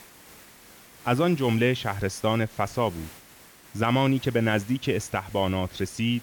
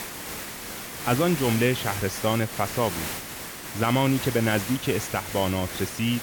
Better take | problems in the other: first | hiss; loud; throughout; 7 dB below the speech; faint in the first

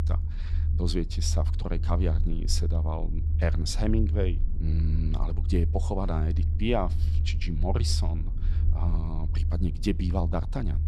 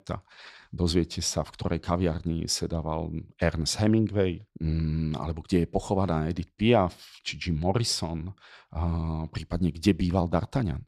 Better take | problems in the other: second | low rumble; noticeable; throughout; 10 dB below the speech

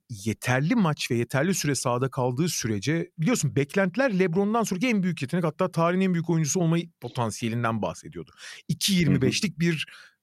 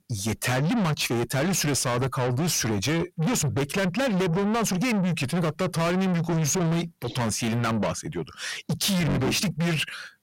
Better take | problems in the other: first | distortion; heavy; 6 dB below the speech

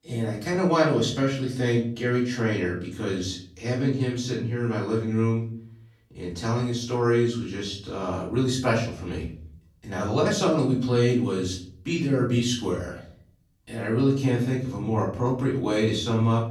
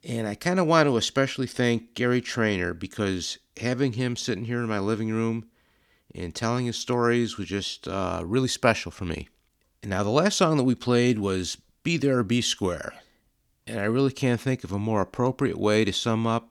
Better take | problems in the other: second | off-mic speech; far // room echo; slight; dies away in 0.6 s

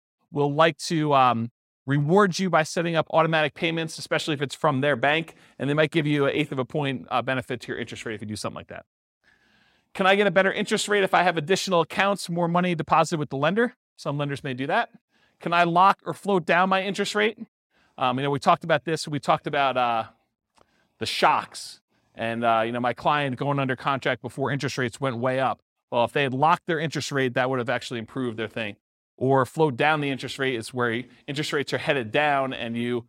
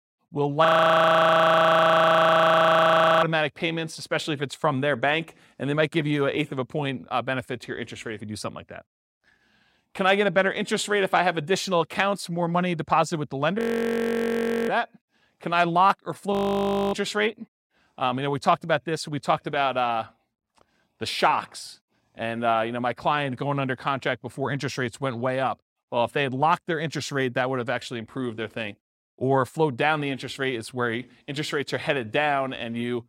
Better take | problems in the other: first | audio freezing; at 0.5 s for 2.5 s, at 14 s for 1 s and at 16 s for 0.5 s

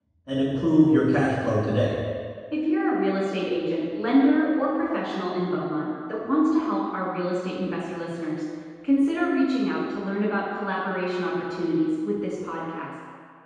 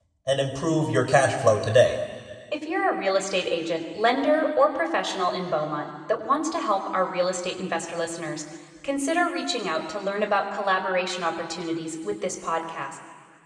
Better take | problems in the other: second | room echo; strong; dies away in 1.8 s; slight in the second // off-mic speech; far

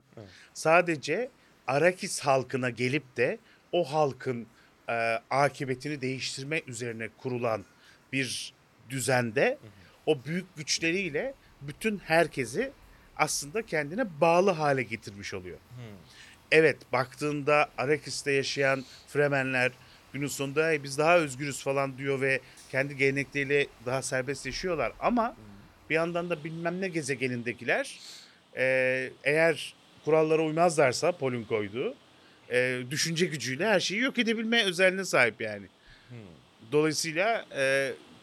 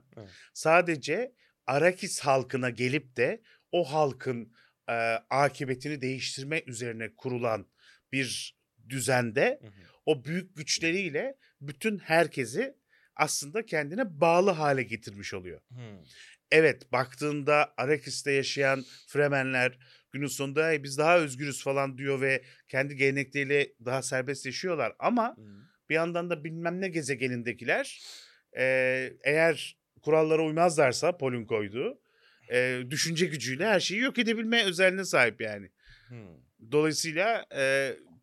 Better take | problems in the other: second | rain or running water; faint; throughout; 30 dB below the speech

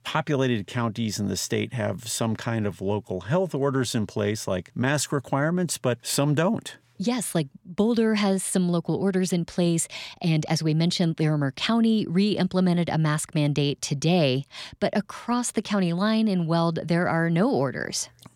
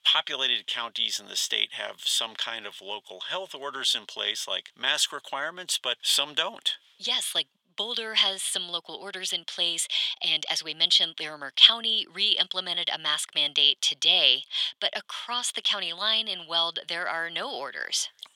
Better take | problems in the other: first | thin; very; fading below 850 Hz

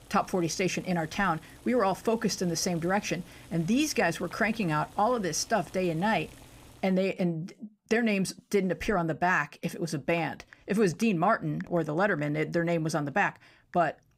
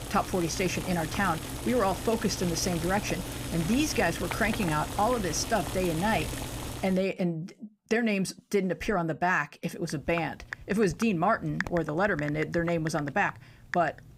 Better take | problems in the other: first | household noises; loud; throughout; 8 dB below the speech; faint in the first

